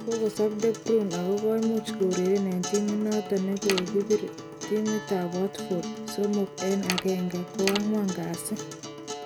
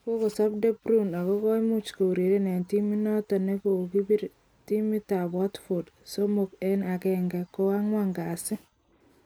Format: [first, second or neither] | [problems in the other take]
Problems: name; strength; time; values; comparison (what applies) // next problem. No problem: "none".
second | background sound (Acoustic guitar + Mechanisms); 8 dB below the speech